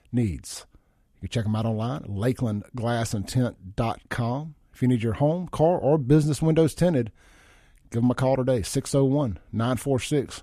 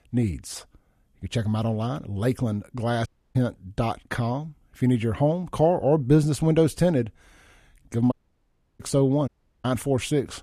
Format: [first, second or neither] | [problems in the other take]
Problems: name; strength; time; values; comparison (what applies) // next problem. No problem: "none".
first | audio cutting out; at 3 s, at 8 s for 0.5 s and at 9.5 s